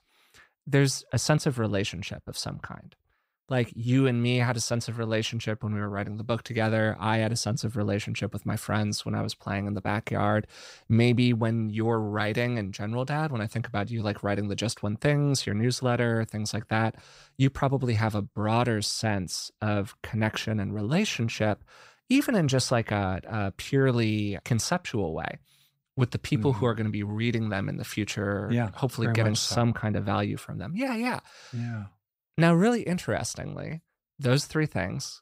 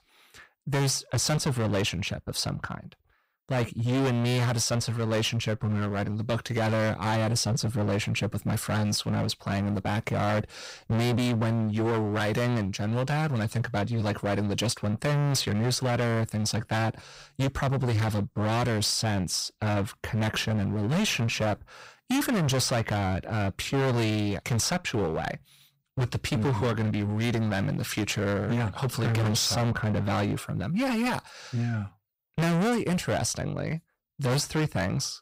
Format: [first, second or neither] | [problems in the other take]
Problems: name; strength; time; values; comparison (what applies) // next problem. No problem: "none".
first | distortion; heavy; 21% of the sound clipped